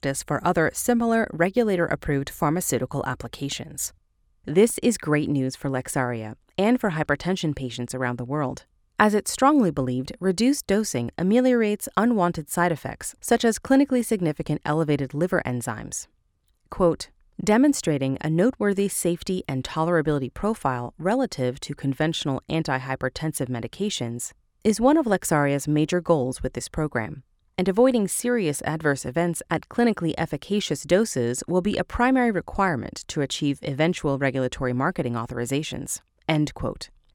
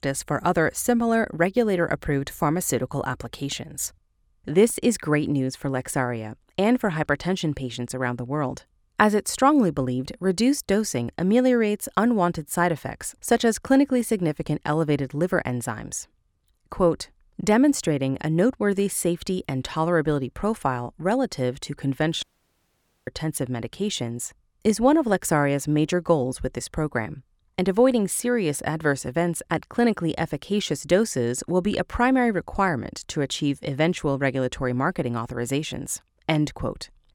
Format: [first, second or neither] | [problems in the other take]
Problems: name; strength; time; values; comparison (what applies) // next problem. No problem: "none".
first | audio cutting out; at 22 s for 1 s